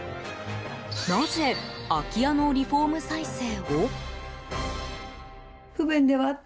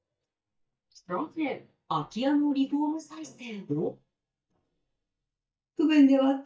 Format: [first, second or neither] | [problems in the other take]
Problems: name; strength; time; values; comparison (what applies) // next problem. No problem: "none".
first | noise reduction (neural mask model DeepFilterNet 3)